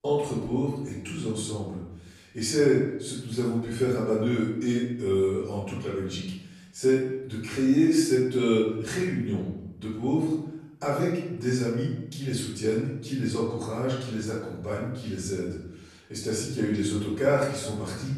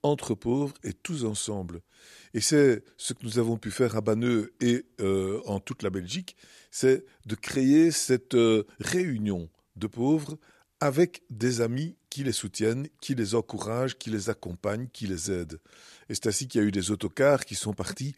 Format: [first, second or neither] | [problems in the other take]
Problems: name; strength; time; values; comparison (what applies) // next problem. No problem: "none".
second | off-mic speech; far // room echo; noticeable; dies away in 0.8 s